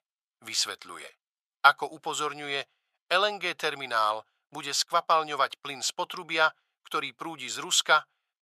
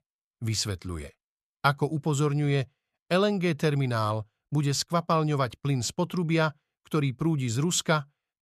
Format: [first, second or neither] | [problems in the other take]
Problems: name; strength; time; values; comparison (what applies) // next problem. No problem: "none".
second | thin; very; fading below 750 Hz